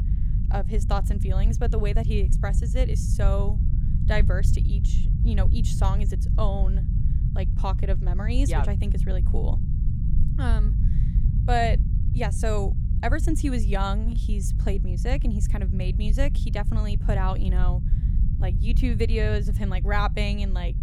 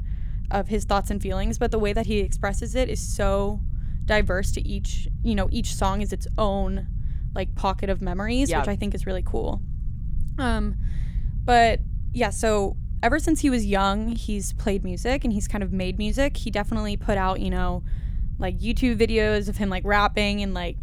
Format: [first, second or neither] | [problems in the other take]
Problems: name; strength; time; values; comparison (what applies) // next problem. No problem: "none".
second | low rumble; loud; throughout; 9 dB below the speech; faint in the second